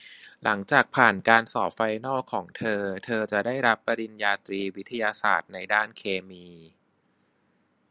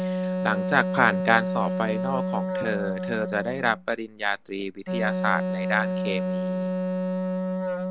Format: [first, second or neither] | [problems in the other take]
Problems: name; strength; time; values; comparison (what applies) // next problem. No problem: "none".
first | background sound (Wind instrument, woodwind instrument); as loud as the speech